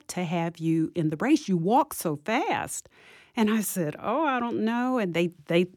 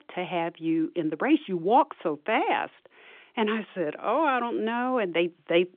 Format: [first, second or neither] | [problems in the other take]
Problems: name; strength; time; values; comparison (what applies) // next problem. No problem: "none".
first | phone-call audio; nothing above 3.5 kHz